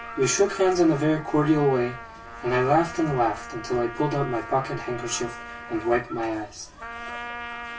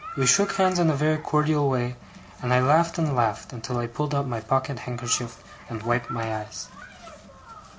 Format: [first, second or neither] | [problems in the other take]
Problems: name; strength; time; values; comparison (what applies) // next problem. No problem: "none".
second | background sound (Trumpet); 13 dB below the speech // room echo; dies away in 0.1 s